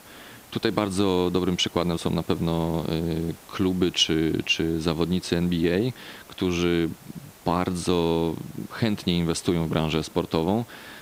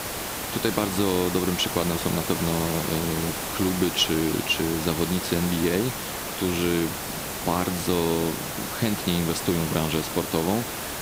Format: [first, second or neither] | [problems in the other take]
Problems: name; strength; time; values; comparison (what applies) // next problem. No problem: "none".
first | hiss; loud; throughout; 4 dB below the speech; faint in the first